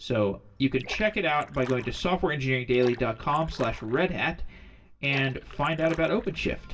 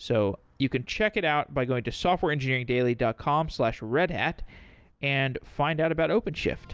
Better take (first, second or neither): second